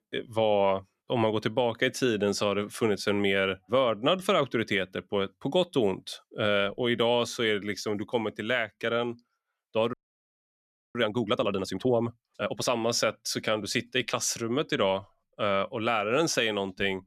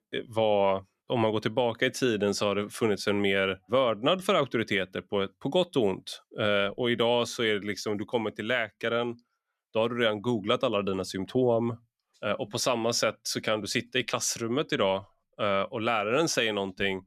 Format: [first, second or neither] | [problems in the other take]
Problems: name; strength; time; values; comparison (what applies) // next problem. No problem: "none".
second | audio freezing; at 10 s for 1 s